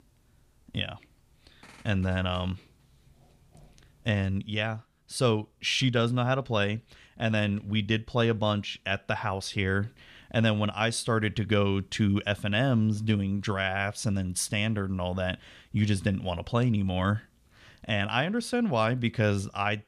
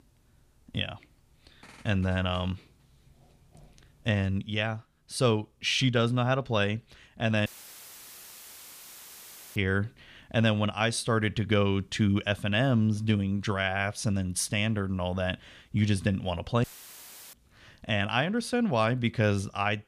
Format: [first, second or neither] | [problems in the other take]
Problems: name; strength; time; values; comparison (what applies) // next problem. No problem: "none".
first | audio cutting out; filled with static; at 7.5 s for 2 s and at 17 s for 0.5 s